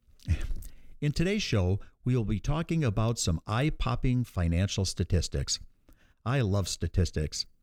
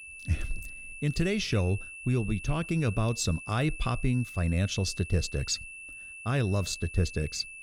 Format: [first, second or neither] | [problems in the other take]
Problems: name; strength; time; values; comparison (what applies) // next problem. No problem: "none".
first | high-pitched whine; noticeable; throughout; 2.5 kHz, 10 dB below the speech